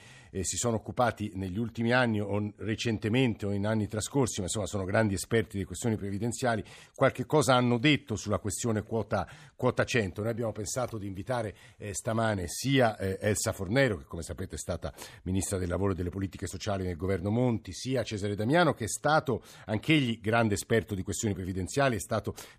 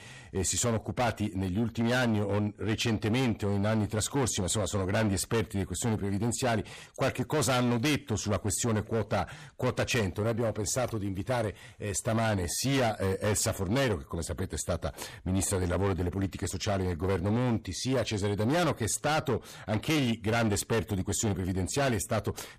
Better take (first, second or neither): first